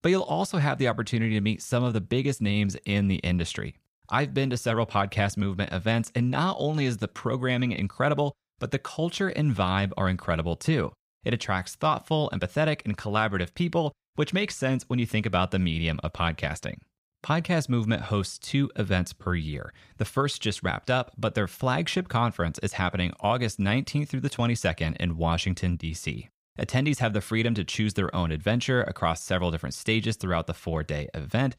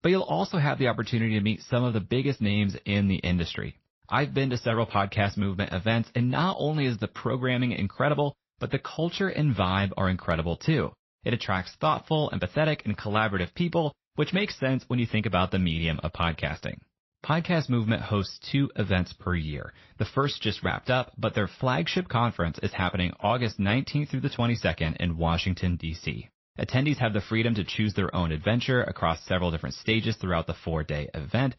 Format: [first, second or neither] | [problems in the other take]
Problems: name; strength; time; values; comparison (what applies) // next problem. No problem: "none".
first | garbled, watery; slightly; nothing above 5.5 kHz